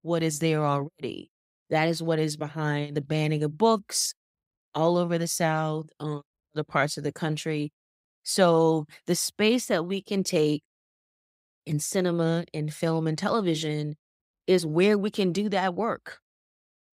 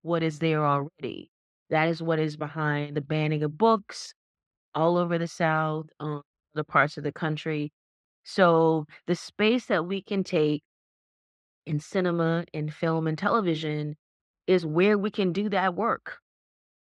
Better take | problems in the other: first | muffled; slightly; fading above 3 kHz

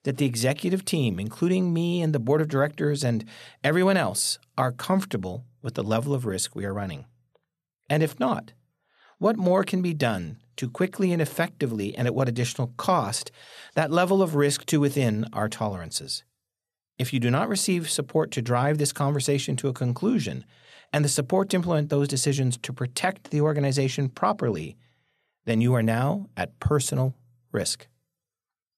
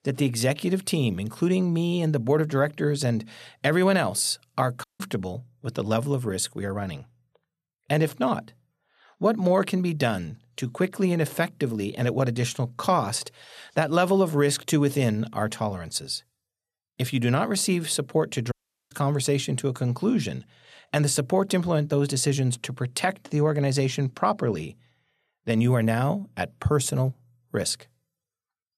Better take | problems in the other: first | audio cutting out; at 5 s and at 19 s

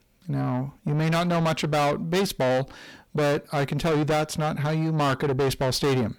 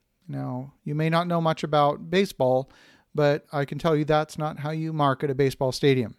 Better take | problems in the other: second | distortion; heavy; 6 dB below the speech

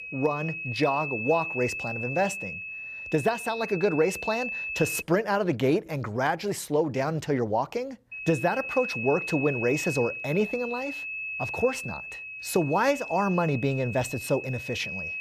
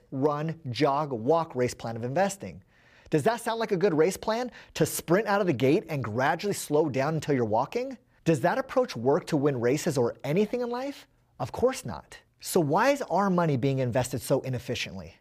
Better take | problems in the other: second | high-pitched whine; loud; until 5 s and from 8 s on; 2.5 kHz, 6 dB below the speech

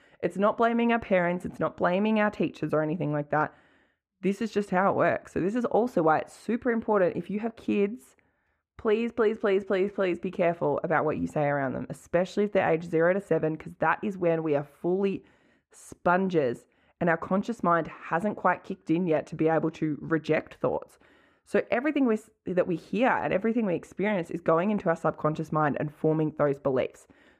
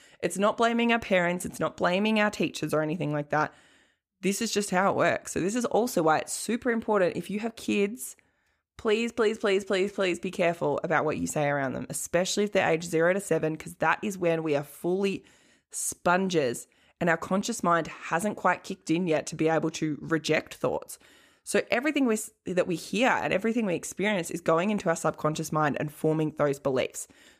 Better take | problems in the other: second | muffled; very; fading above 3 kHz

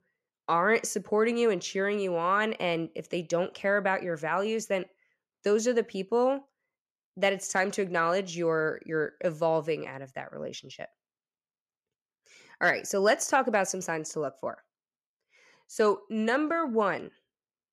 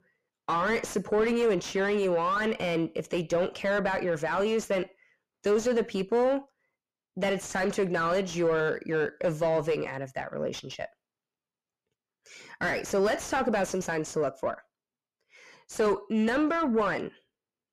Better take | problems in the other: first | distortion; heavy; 7 dB below the speech

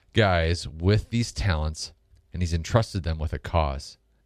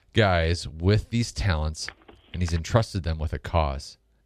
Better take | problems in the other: first | phone ringing; faint; at 2 s; peak 15 dB below the speech

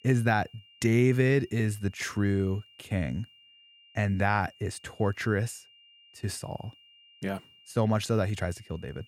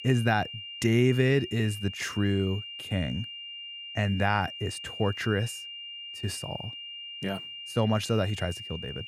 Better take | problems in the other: first | high-pitched whine; loud; throughout; 3 kHz, 9 dB below the speech; faint in the first

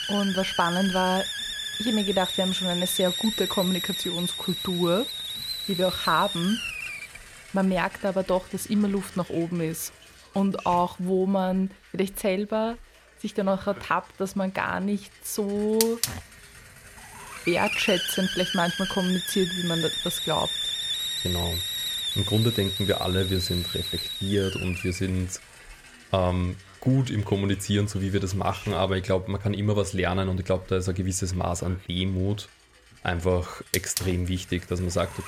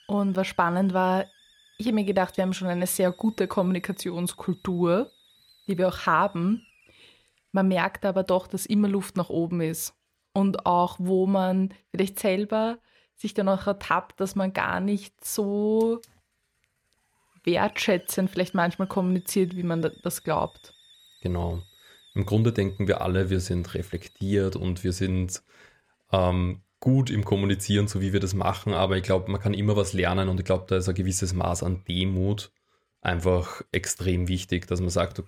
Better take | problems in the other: second | hiss; loud; throughout; 2 dB below the speech; faint in the second

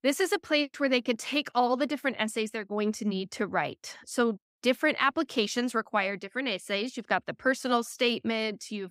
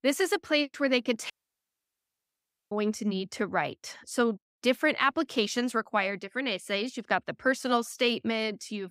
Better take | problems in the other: first | audio cutting out; at 1.5 s for 1.5 s

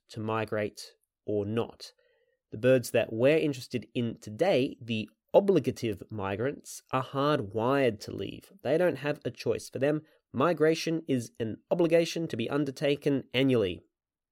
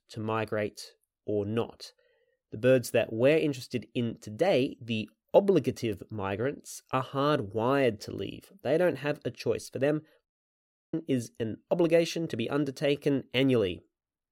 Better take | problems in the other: first | audio cutting out; at 10 s for 0.5 s

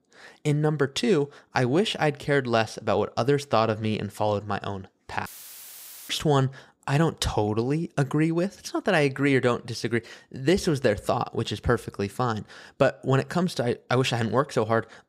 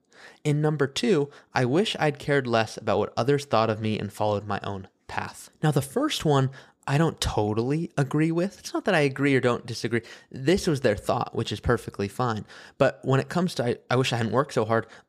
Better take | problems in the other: second | audio cutting out; filled with static; at 5.5 s for 1 s

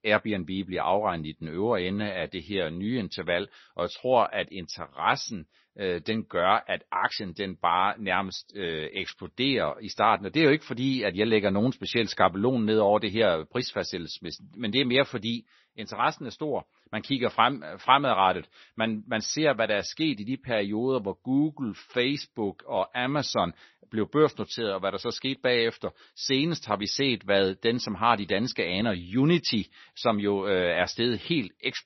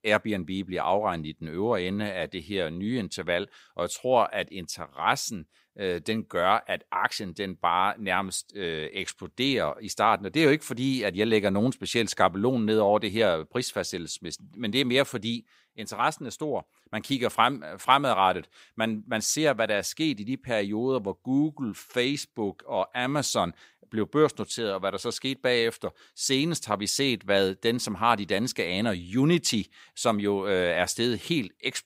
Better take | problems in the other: second | garbled, watery; slightly; nothing above 6 kHz

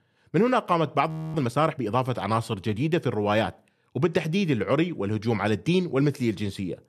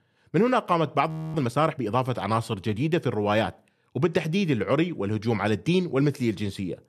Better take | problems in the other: neither | audio freezing; at 1 s; the same in both

